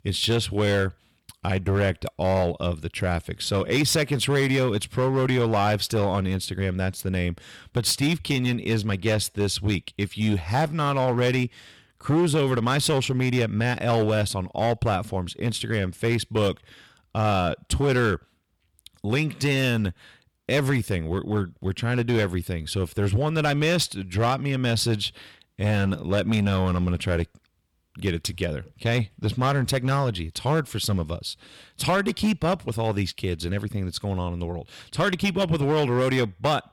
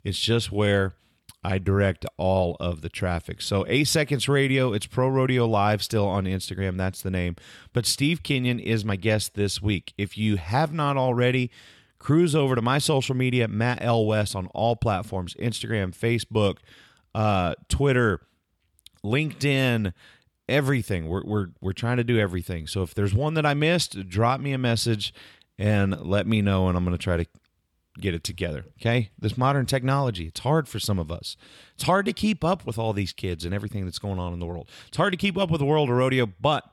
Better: second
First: distortion; slight; 7% of the sound clipped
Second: none

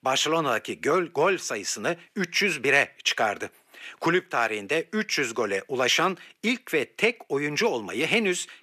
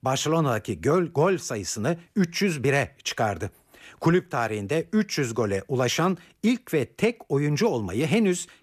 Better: second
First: thin; somewhat; fading below 300 Hz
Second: none

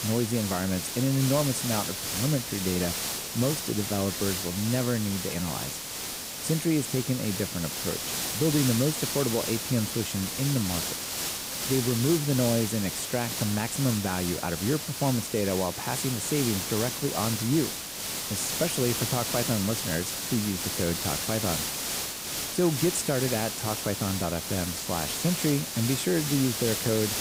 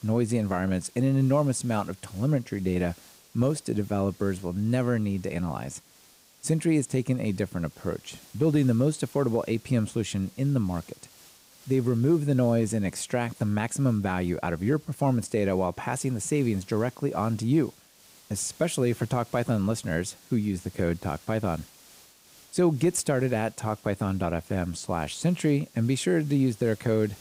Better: second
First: hiss; loud; throughout; 1 dB below the speech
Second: hiss; faint; throughout; 25 dB below the speech

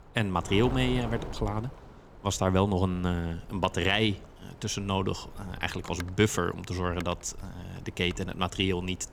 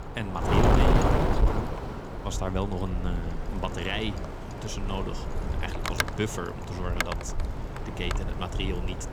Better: first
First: wind noise on the microphone; occasional gusts; 15 dB below the speech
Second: wind noise on the microphone; heavy; 3 dB above the speech

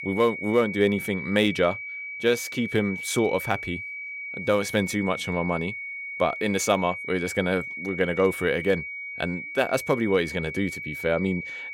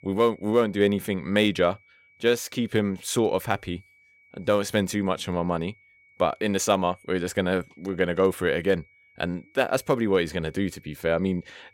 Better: second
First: high-pitched whine; loud; throughout; 2.5 kHz, 7 dB below the speech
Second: high-pitched whine; faint; throughout; 2.5 kHz, 30 dB below the speech

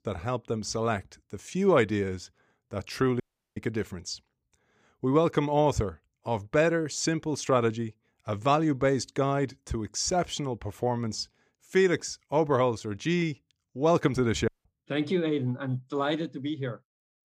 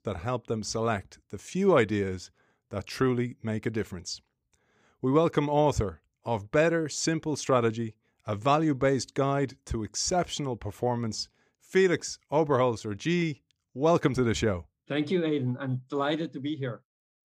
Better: second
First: audio cutting out; at 3 s and at 14 s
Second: none

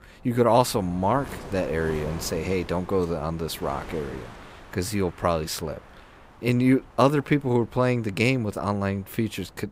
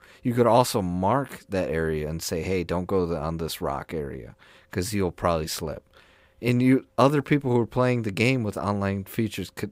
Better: second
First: wind noise on the microphone; occasional gusts; 20 dB below the speech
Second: none

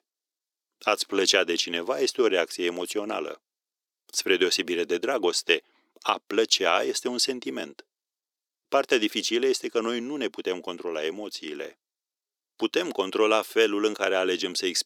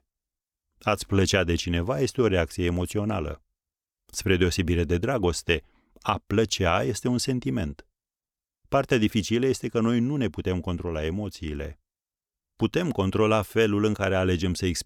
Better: second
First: thin; somewhat; fading below 350 Hz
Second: none

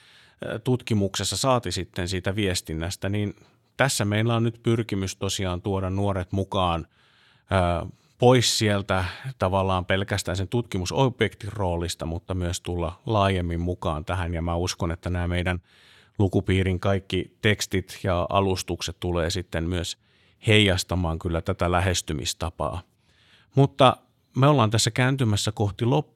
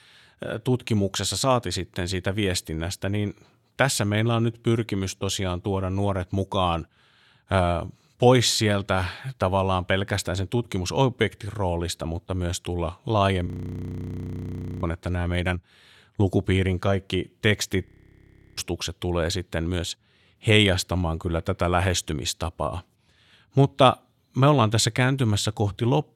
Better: first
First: none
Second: audio freezing; at 13 s for 1.5 s and at 18 s for 0.5 s

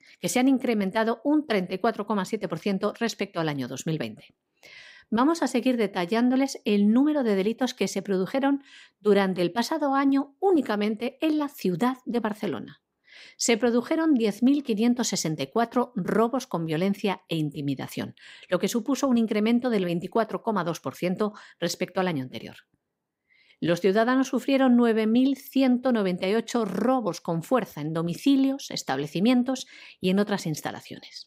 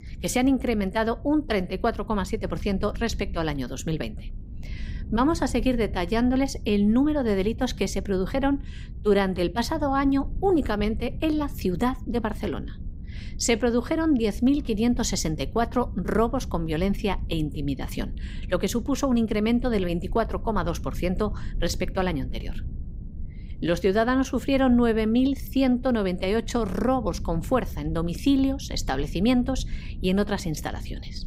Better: first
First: none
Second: low rumble; faint; throughout; 25 dB below the speech

